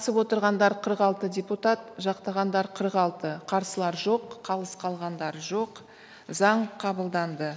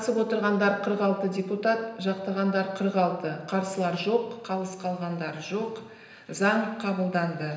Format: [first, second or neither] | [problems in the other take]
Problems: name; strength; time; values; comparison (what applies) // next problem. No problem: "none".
first | room echo; dies away in 0.9 s